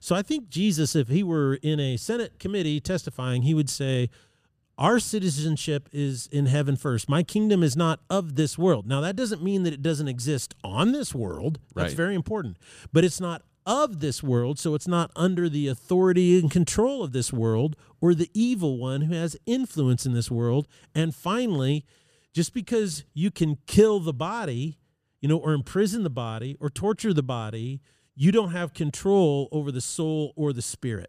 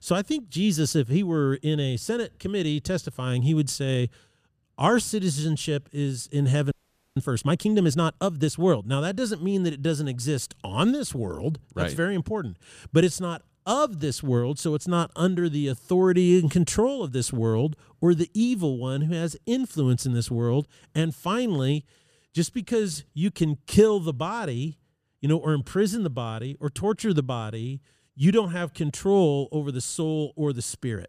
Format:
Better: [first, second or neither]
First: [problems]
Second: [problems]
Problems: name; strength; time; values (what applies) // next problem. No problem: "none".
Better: first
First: none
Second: audio freezing; at 6.5 s